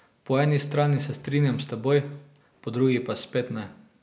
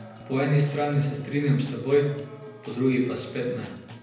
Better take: first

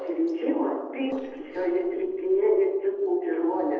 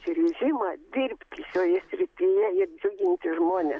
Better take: second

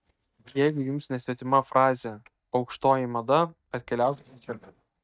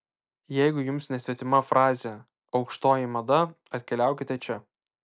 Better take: second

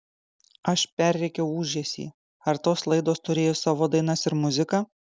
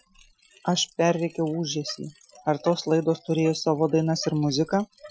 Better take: first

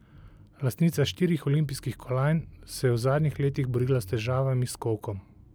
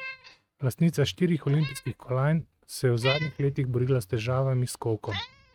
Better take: first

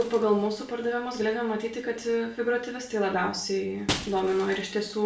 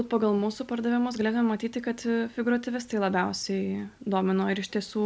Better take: second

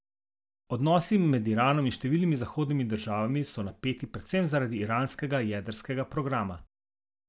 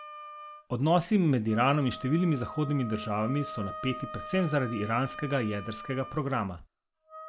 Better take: first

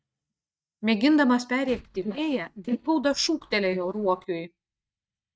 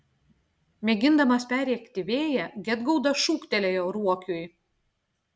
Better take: second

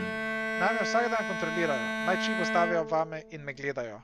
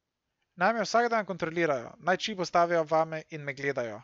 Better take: second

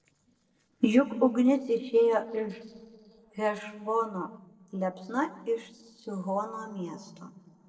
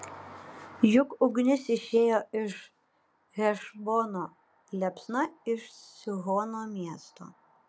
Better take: second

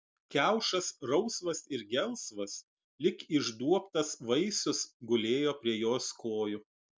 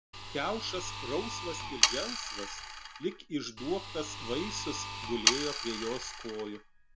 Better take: first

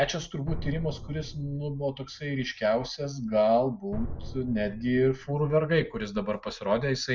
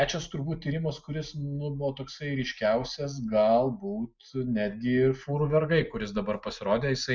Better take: second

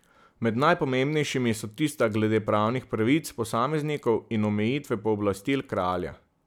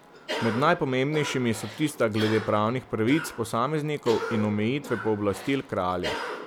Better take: first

